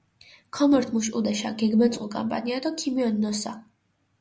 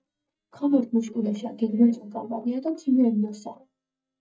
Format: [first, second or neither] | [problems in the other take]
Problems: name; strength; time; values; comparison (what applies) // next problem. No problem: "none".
first | noise reduction (neural mask model DeepFilterNet 3)